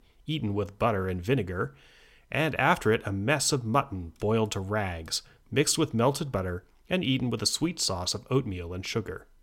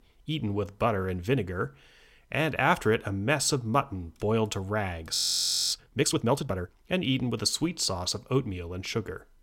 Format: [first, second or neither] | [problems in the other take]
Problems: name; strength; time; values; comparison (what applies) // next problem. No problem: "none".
first | audio freezing; at 5 s for 0.5 s